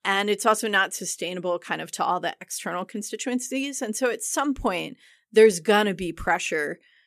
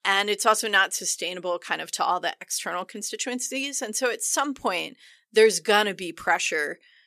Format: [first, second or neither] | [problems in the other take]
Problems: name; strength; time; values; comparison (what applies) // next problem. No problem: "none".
first | thin; very slightly; fading below 1 kHz